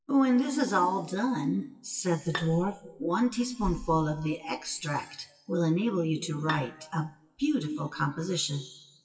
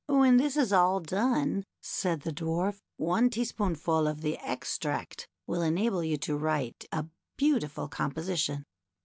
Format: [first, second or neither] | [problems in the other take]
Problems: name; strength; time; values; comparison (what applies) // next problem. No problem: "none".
second | noise reduction (classical method WPE with log-MMSE)